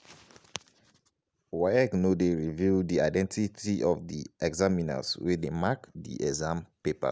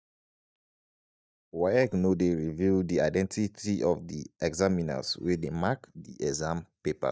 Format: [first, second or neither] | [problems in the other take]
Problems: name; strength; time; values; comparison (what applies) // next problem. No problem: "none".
first | noise reduction (neural mask model DeepFilterNet 3)